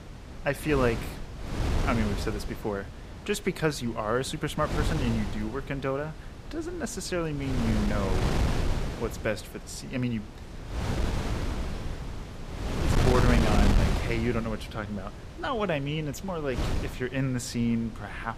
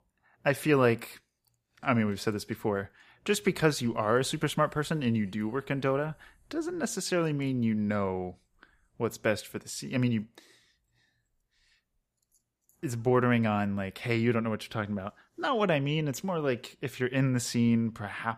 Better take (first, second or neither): second